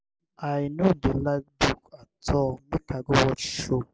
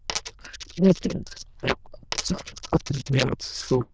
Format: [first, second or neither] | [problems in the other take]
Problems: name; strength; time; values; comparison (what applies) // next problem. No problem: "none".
first | noise reduction (neural diffusion model UNIVERSE++)